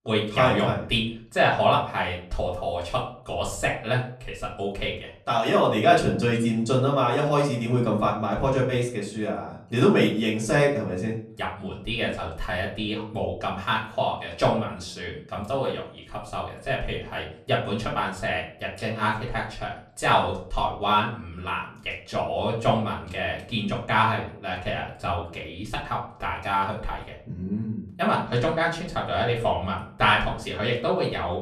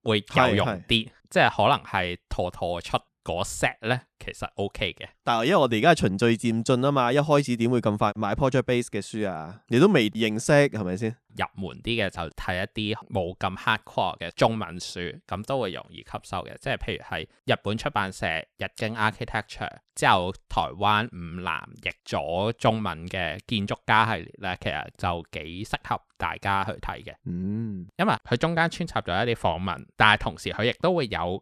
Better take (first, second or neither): second